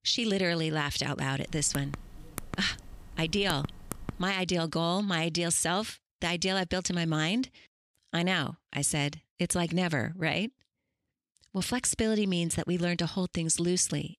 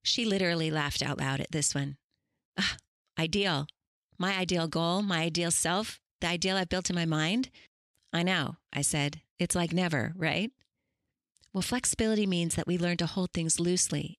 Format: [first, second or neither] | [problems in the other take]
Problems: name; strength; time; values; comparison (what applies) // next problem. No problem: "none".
second | keyboard typing; faint; from 1.5 to 4 s; peak 10 dB below the speech